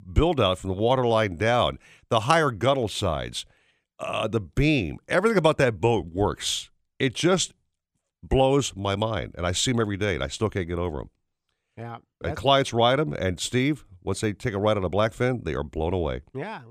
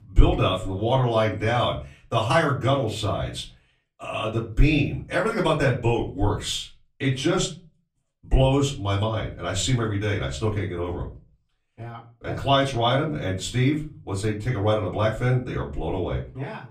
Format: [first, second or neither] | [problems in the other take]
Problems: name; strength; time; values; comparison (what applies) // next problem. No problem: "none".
first | off-mic speech; far // room echo; very slight; dies away in 0.3 s